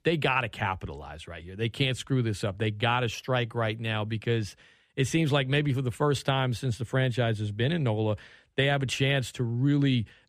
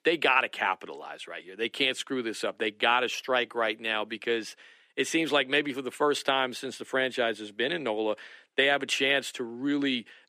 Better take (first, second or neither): first